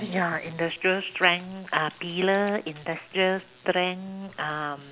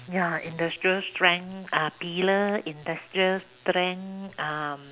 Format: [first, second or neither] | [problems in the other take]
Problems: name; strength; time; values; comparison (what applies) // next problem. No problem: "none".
second | background sound (Dog); 20 dB below the speech